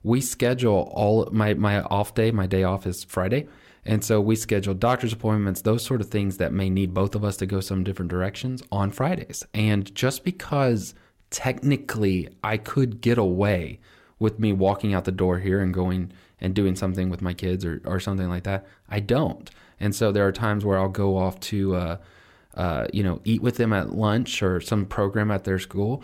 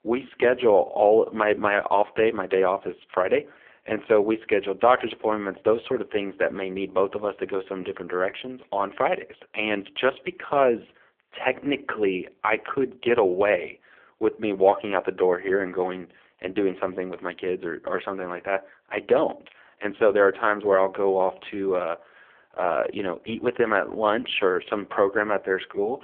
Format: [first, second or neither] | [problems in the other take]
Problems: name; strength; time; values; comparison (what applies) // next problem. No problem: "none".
first | phone-call audio; poor line; nothing above 3 kHz